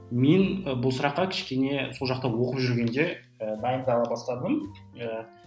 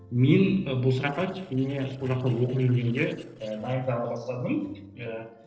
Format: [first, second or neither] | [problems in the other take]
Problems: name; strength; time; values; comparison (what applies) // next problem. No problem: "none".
first | noise reduction (neural separator model SepFormer DNS4)